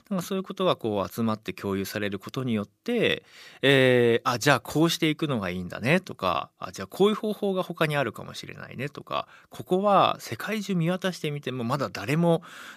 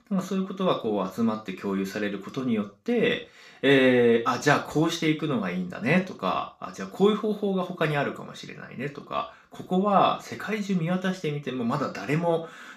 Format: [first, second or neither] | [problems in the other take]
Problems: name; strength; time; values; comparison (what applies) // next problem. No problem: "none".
first | room echo; slight; dies away in 0.3 s // off-mic speech; somewhat distant